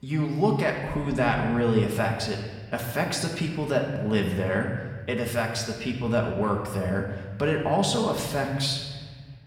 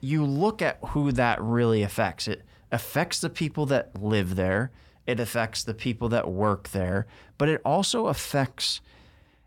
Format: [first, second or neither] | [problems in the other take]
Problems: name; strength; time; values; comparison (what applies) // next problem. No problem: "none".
second | room echo; slight; dies away in 1.4 s // off-mic speech; somewhat distant